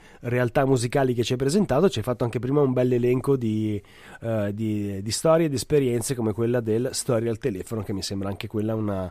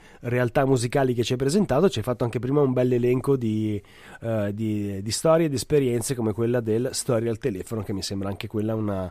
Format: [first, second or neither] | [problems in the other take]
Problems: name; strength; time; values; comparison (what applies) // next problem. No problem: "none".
neither | none